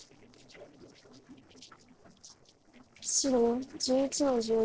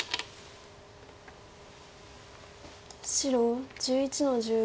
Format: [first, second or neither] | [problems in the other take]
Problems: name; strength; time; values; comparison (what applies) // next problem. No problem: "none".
second | noise reduction (neural separator model SepFormer DNS4)